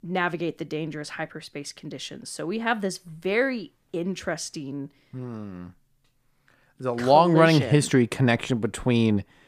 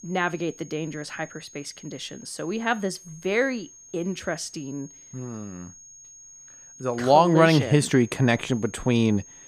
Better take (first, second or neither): first